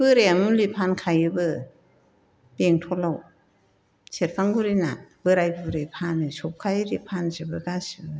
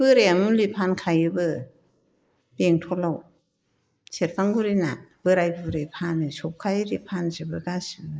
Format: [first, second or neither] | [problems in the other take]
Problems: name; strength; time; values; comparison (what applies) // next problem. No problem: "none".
first | noise reduction (neural mask model Resemble Enhance denoiser)